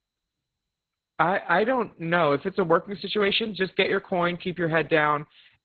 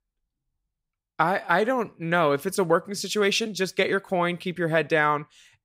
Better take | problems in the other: second | garbled, watery; badly; nothing above 4 kHz

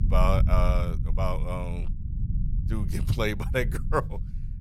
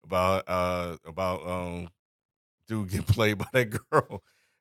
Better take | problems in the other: second | low rumble; noticeable; throughout; 15 dB below the speech

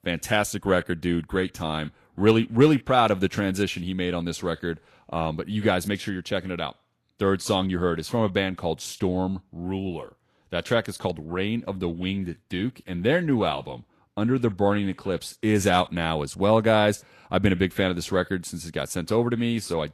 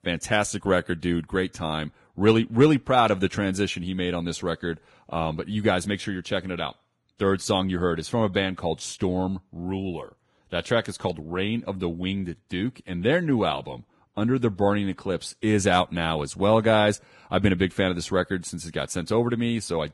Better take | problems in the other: first | garbled, watery; badly; nothing above 10.5 kHz; slightly in the first

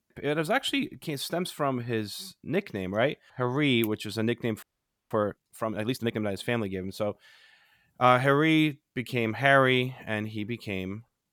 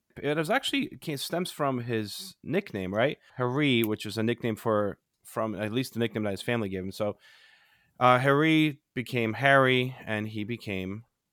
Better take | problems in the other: second | audio freezing; at 4.5 s

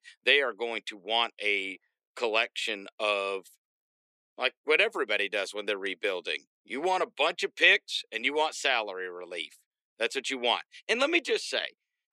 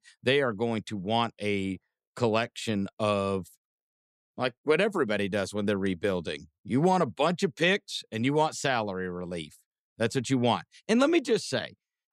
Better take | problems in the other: second | thin; very; fading below 350 Hz

